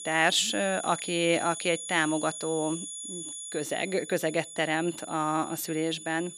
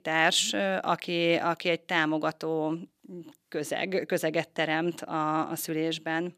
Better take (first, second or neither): second